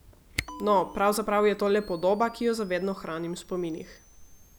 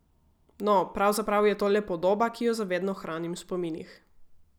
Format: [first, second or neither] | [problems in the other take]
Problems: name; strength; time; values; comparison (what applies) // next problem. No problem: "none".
second | background sound (Camera + Bell); 17 dB below the speech